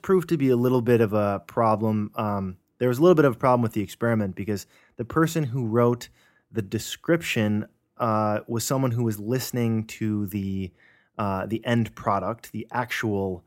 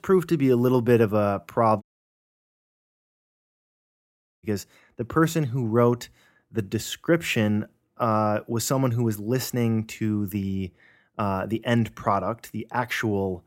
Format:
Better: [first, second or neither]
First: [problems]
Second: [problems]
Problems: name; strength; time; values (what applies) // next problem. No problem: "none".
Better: first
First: none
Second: audio cutting out; at 2 s for 2.5 s